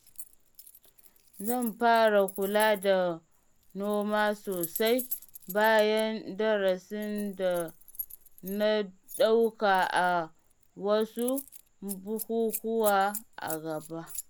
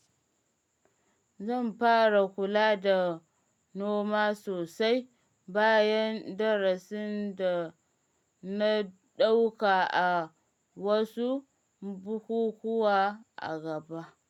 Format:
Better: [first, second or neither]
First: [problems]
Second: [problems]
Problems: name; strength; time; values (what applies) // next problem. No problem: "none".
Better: second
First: background sound (Keys jangling); 15 dB below the speech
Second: none